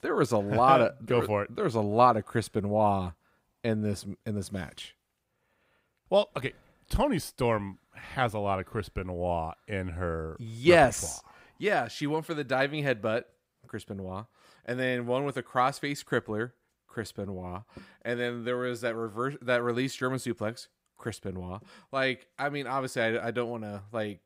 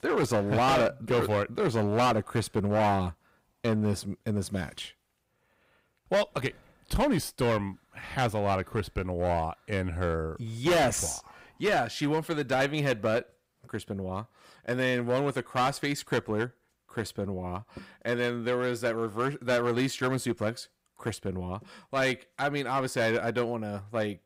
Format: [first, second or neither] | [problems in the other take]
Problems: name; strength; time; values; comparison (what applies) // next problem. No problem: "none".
first | distortion; heavy; 7% of the sound clipped